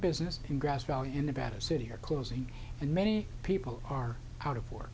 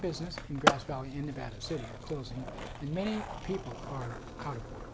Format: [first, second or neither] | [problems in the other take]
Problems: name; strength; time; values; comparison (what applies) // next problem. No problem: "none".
first | background sound (Skateboard); as loud as the speech